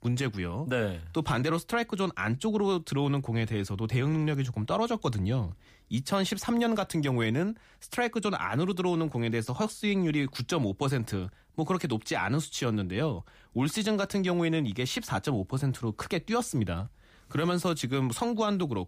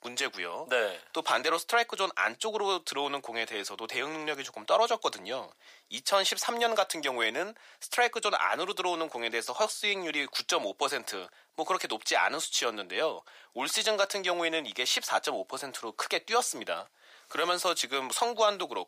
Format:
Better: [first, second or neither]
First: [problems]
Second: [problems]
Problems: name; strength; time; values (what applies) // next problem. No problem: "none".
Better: first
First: none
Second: thin; very; fading below 500 Hz